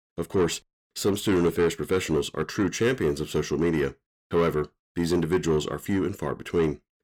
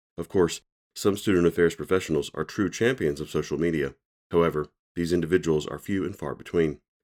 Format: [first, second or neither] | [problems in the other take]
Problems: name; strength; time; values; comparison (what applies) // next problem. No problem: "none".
second | distortion; slight; 10 dB below the speech